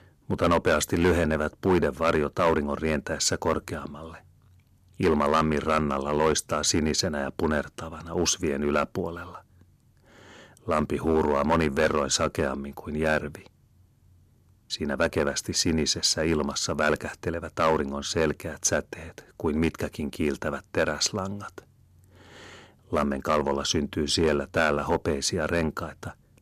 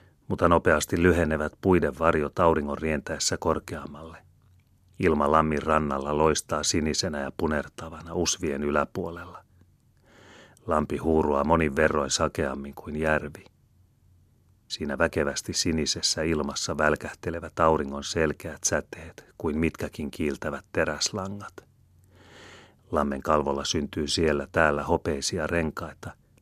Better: second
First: distortion; slight; 2% of the sound clipped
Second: none

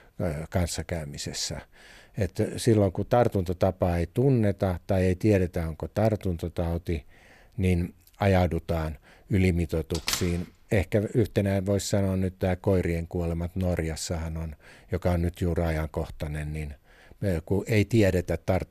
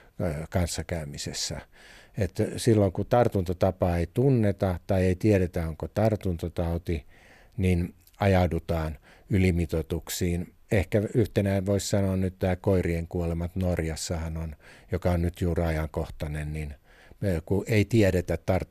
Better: second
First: door banging; noticeable; at 10 s; peak 3 dB below the speech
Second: none

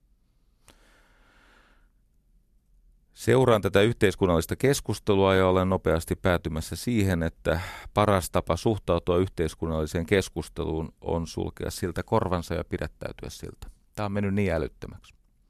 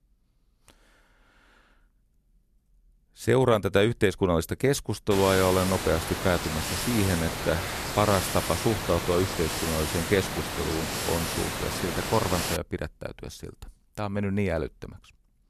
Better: first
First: none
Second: hiss; loud; from 5 to 13 s; 4 dB below the speech

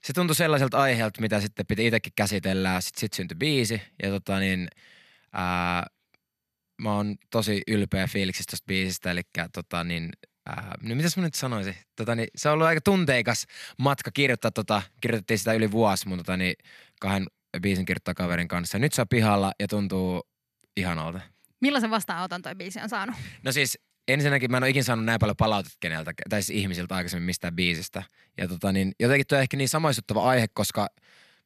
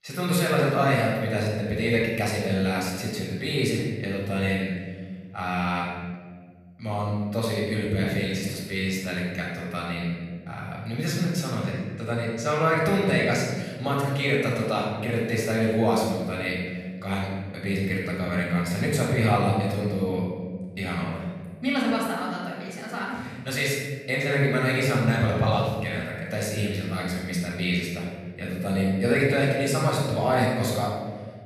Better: first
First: none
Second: off-mic speech; far // room echo; noticeable; dies away in 1.6 s

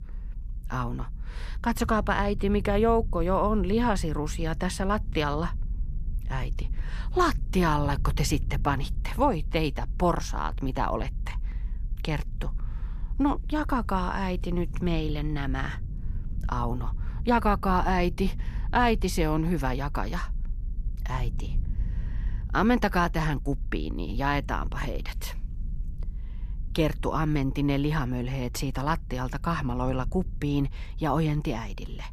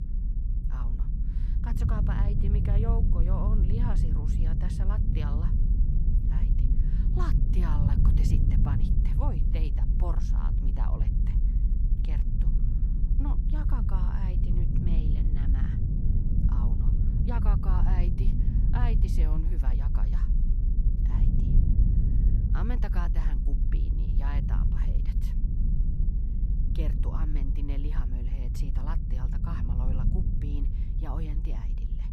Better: first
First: low rumble; faint; throughout; 25 dB below the speech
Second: low rumble; loud; throughout; as loud as the speech

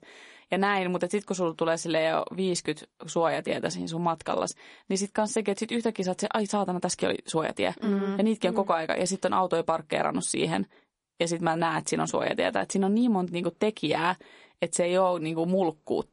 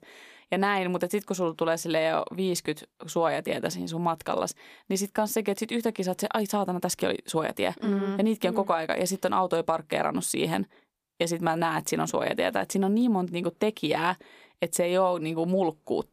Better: second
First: garbled, watery; slightly; nothing above 10.5 kHz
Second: none

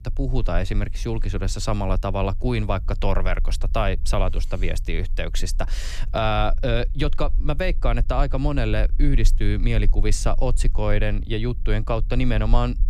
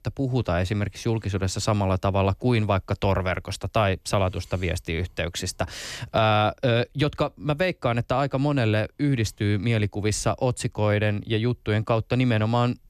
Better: second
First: low rumble; faint; throughout; 25 dB below the speech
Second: none

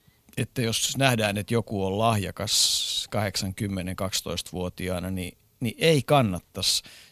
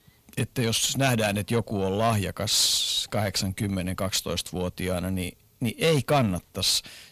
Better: first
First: none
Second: distortion; slight; 10 dB below the speech

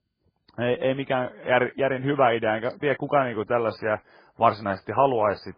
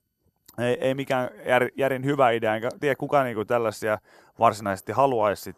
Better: second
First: garbled, watery; badly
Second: none

